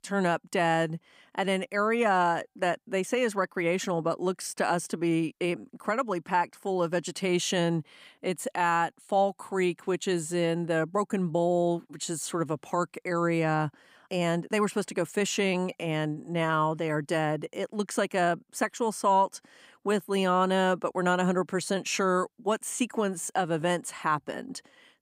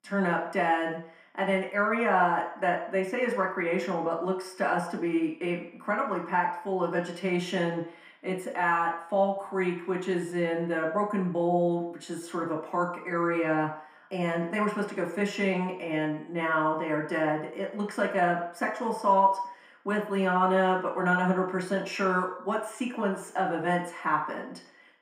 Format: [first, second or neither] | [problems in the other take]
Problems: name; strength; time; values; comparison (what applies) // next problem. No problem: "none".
first | room echo; slight; dies away in 0.6 s // off-mic speech; far